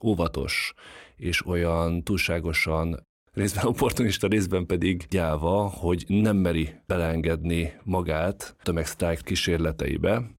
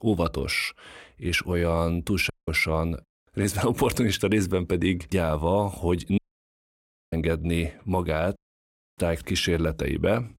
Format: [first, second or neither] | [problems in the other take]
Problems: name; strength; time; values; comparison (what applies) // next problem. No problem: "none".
first | audio cutting out; at 2.5 s, at 6 s for 1 s and at 8.5 s for 0.5 s